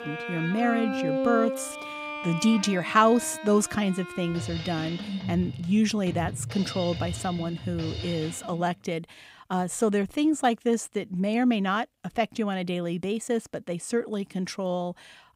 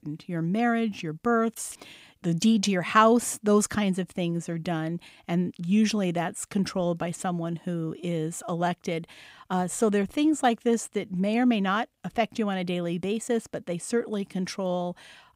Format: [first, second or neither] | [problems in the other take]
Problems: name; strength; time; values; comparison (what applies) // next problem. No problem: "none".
second | background music; loud; until 8.5 s; 7 dB below the speech